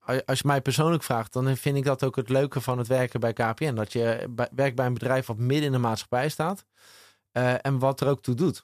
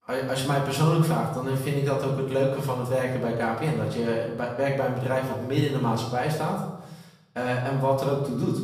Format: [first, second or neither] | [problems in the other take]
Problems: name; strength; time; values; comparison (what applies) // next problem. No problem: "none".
first | off-mic speech; far // room echo; noticeable; dies away in 0.9 s